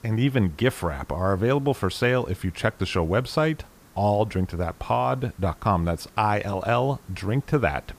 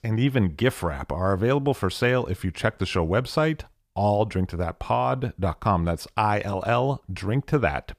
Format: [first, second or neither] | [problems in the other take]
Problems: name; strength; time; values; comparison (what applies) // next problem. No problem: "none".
second | hiss; faint; throughout; 25 dB below the speech